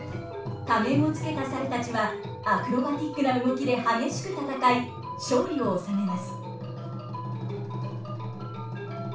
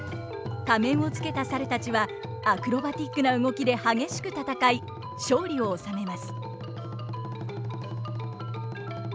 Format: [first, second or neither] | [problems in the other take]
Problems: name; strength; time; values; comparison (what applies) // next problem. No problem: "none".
second | room echo; dies away in 0.4 s